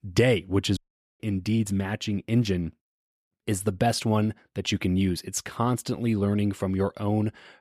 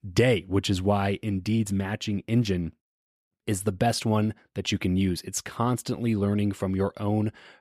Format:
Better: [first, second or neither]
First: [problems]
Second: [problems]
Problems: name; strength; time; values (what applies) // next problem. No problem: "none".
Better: second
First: audio cutting out; at 1 s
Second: none